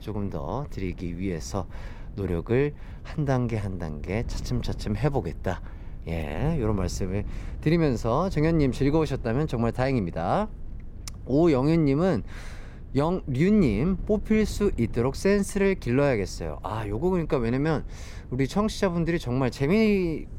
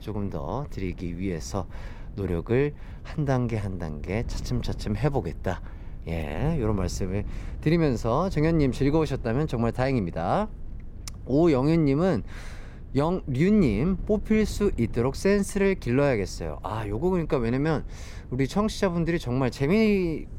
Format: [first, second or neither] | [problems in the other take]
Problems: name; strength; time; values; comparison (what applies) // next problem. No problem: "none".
neither | wind noise on the microphone; occasional gusts; 25 dB below the speech; the same in both